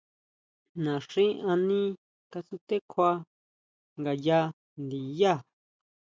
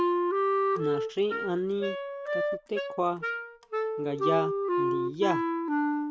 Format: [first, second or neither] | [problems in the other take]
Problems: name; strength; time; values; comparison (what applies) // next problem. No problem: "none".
first | background sound (Wind instrument, woodwind instrument); 4 dB above the speech